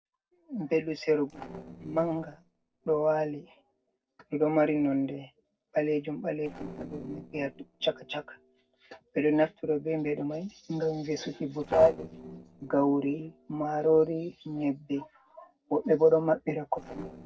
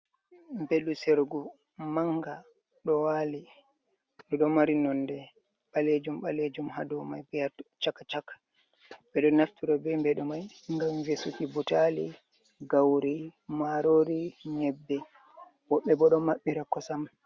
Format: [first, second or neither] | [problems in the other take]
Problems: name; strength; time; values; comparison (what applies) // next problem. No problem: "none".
second | noise reduction (neural separator model SepFormer DNS4)